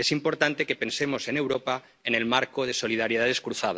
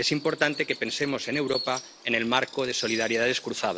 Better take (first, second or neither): first